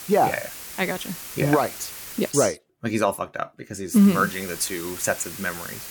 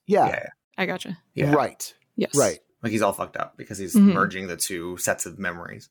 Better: second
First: hiss; noticeable; until 2.5 s and from 4 s on; 10 dB below the speech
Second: none

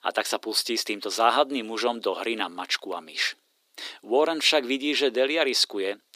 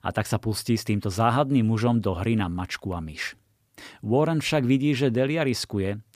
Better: second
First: thin; somewhat; fading below 350 Hz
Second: none

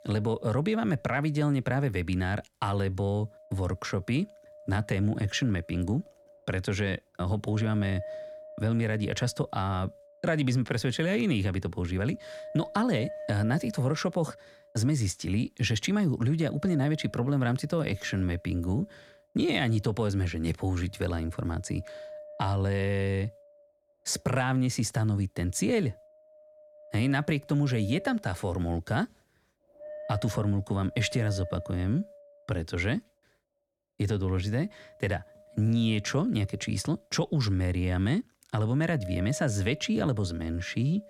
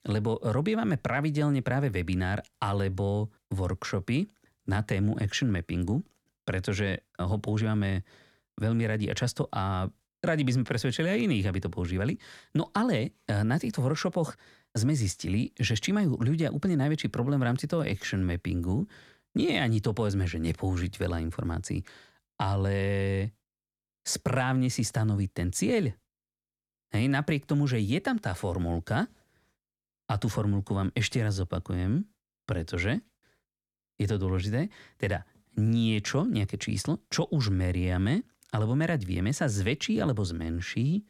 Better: second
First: wind noise on the microphone; occasional gusts; 15 dB below the speech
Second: none

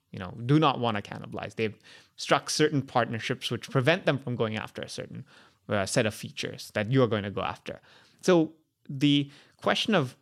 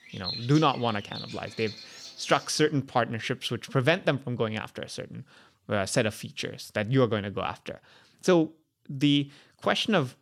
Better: first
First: none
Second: animal sounds; noticeable; until 2.5 s; 10 dB below the speech

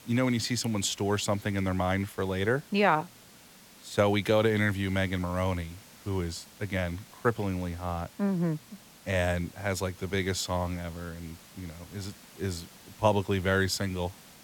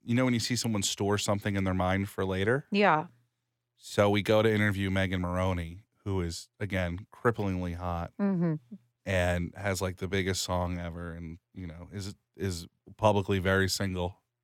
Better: second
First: hiss; faint; throughout; 20 dB below the speech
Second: none

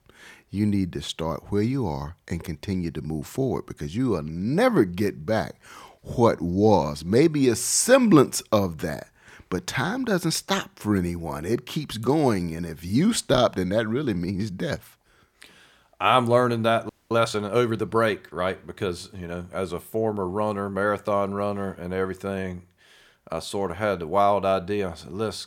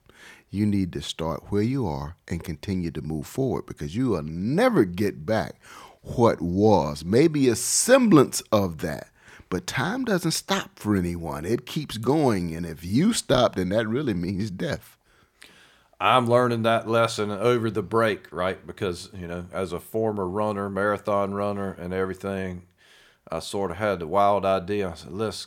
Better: second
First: audio freezing; at 17 s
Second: none

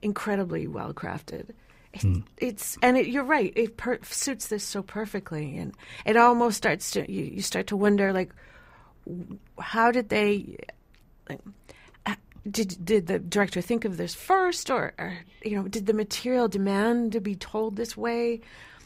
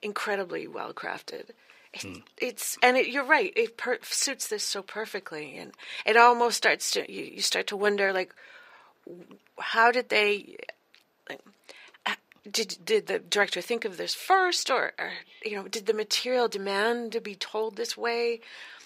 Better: first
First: none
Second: thin; somewhat; fading below 450 Hz

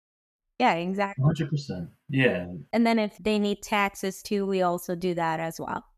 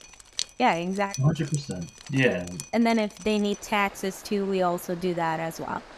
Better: first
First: none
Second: rain or running water; noticeable; throughout; 15 dB below the speech

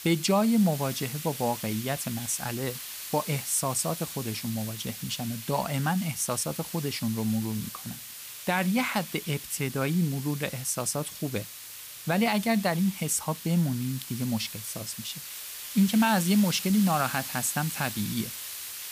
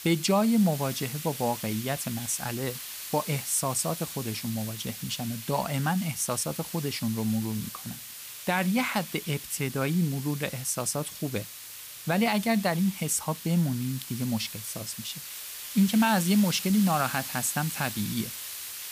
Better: neither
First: hiss; loud; throughout; 9 dB below the speech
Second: hiss; loud; throughout; 9 dB below the speech

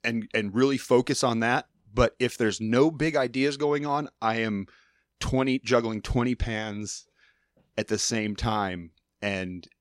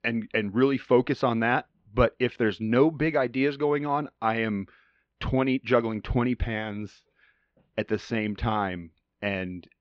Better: first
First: none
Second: muffled; very; fading above 3 kHz

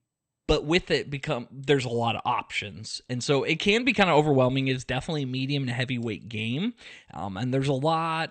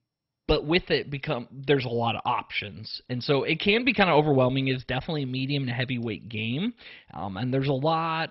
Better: first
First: garbled, watery; slightly; nothing above 8.5 kHz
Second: garbled, watery; badly; nothing above 5.5 kHz

